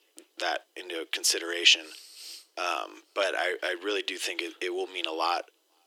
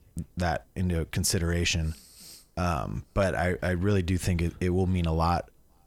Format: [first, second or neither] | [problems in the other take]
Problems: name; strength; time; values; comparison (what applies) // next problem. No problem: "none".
second | thin; very; fading below 300 Hz